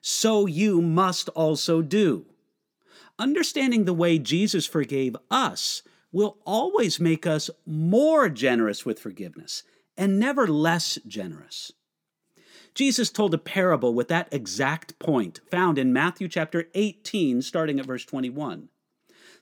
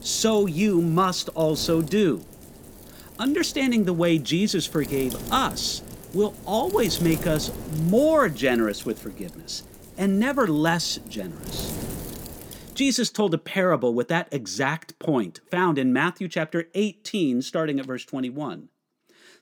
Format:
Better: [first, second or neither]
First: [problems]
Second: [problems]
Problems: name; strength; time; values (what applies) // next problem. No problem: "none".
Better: first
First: none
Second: wind noise on the microphone; occasional gusts; until 13 s; 15 dB below the speech